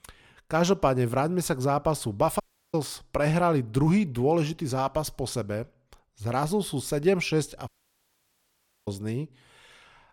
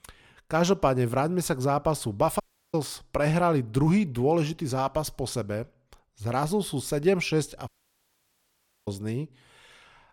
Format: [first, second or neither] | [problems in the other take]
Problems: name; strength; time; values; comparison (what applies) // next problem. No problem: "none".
neither | audio cutting out; at 2.5 s and at 7.5 s for 1 s; the same in both